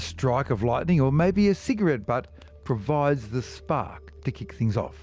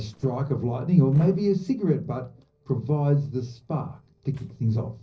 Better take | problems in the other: first | noise reduction (neural separator model SepFormer DNS4)

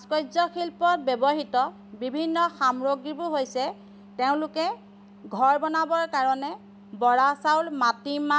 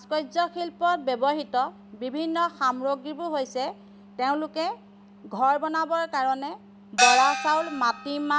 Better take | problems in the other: first | background sound (Gong); 1 dB above the speech

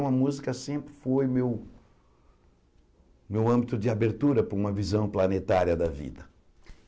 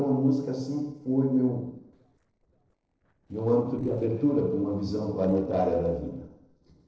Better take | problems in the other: first | noise reduction (neural separator model SepFormer DNS4)

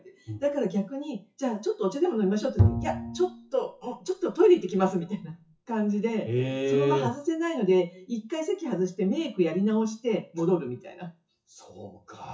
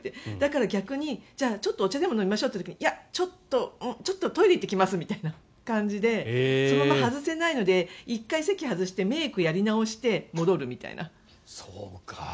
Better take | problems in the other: second | noise reduction (classical method WPE with log-MMSE)

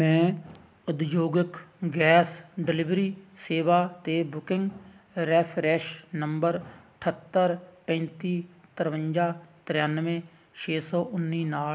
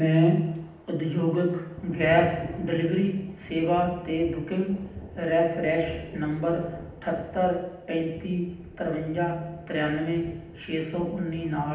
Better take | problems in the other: first | background sound (Thunder); 16 dB below the speech // room echo; dies away in 0.8 s

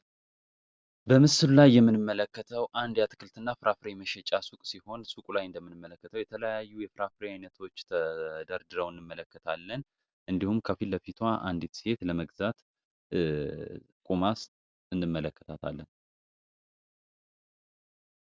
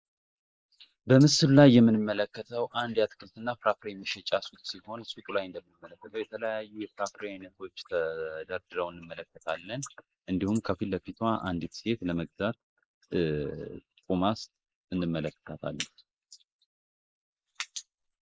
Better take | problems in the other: first | noise reduction (neural mask model Resemble Enhance denoiser)

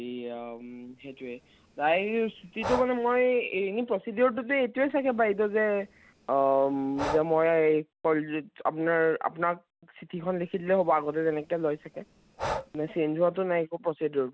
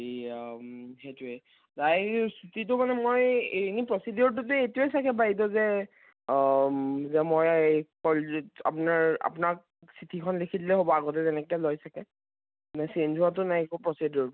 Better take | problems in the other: second | background sound (Breathing); 13 dB below the speech

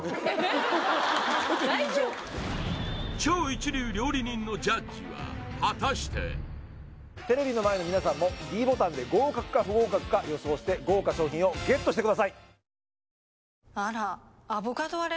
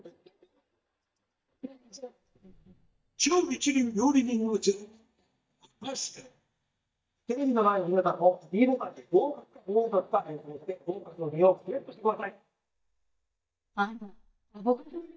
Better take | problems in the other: first | noise reduction (neural mask model DeepFilterNet 3)

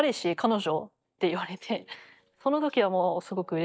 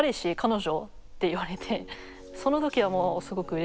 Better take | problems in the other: second | noise reduction (neural mask model DeepFilterNet 3)

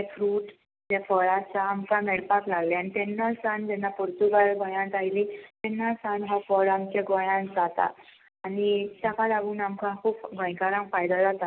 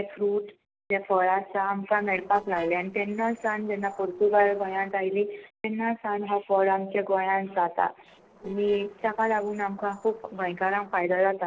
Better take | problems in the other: first | noise reduction (neural separator model SepFormer DNS4)

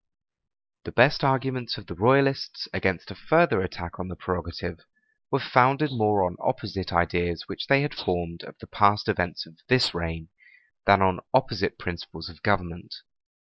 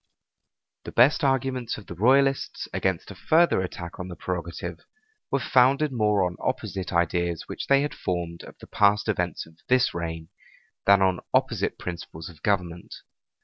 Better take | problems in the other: second | noise reduction (neural mask model Resemble Enhance denoiser)

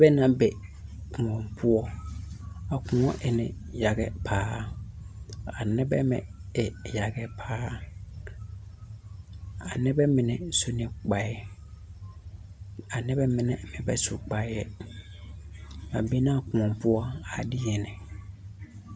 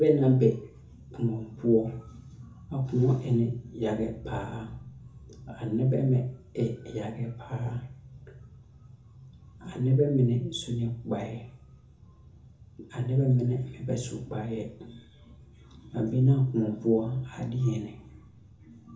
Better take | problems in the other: first | room echo; dies away in 0.6 s

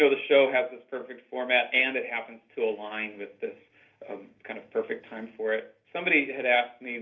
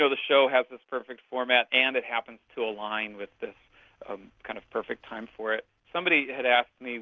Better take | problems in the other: second | room echo; dies away in 0.3 s

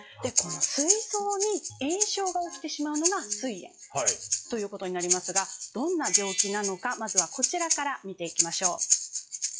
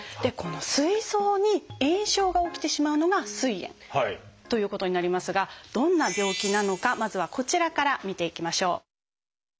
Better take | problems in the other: second | noise reduction (classical method log-MMSE)

